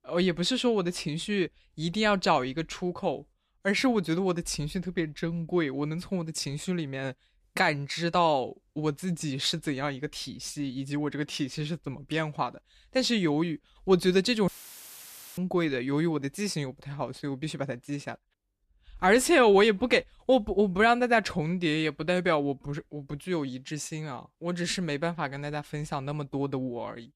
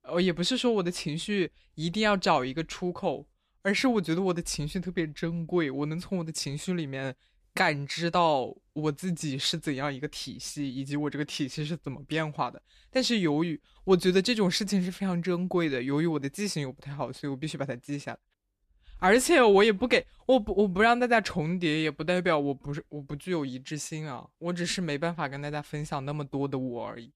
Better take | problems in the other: second | audio cutting out; filled with static; at 14 s for 1 s

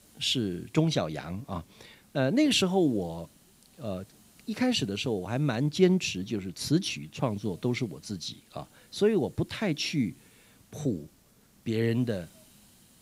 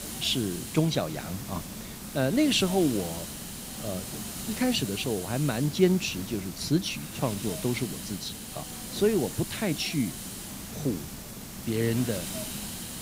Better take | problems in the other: first | hiss; loud; throughout; 8 dB below the speech; faint in the first

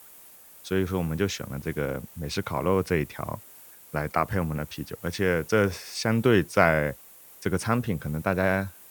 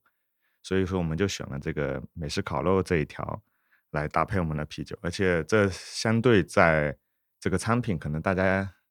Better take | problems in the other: second | hiss; noticeable; throughout; 20 dB below the speech

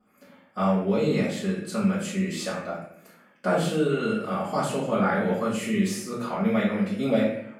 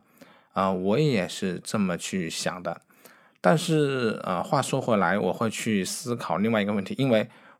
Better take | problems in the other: second | off-mic speech; far // room echo; noticeable; dies away in 0.6 s

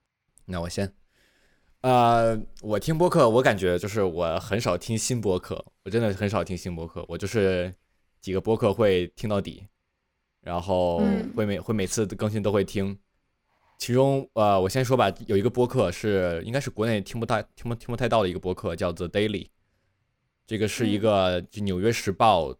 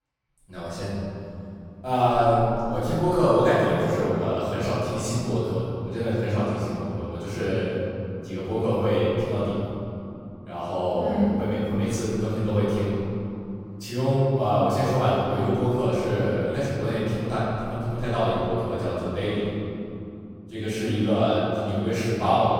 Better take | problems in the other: first | room echo; strong; dies away in 3 s // off-mic speech; far

